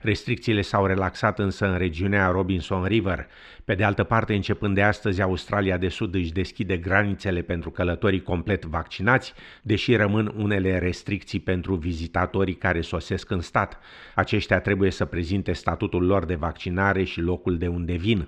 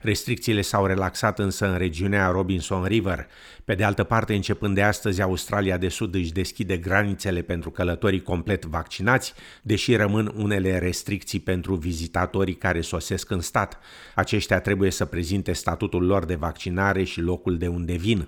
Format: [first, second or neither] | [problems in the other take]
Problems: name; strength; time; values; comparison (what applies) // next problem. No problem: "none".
second | muffled; slightly; fading above 3 kHz